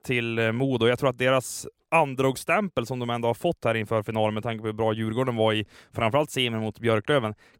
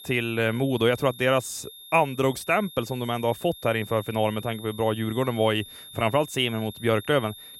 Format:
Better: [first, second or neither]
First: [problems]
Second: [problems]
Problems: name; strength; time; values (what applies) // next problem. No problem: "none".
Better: first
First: none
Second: high-pitched whine; noticeable; throughout; 3.5 kHz, 15 dB below the speech